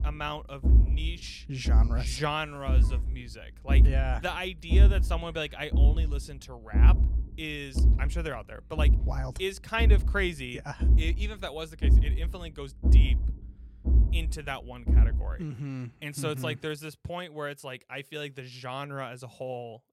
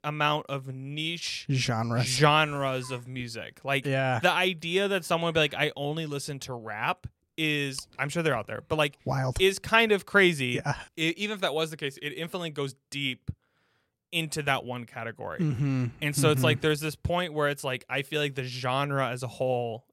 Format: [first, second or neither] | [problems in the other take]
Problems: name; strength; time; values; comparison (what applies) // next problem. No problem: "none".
second | low rumble; loud; until 15 s; 8 dB below the speech